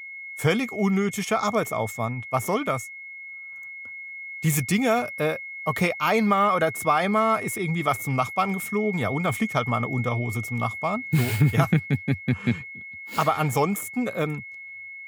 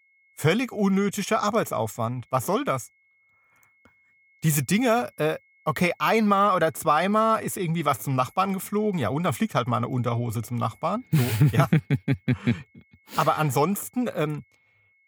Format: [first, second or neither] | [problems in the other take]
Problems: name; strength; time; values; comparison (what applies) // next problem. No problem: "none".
second | high-pitched whine; loud; throughout; 2 kHz, 10 dB below the speech; faint in the second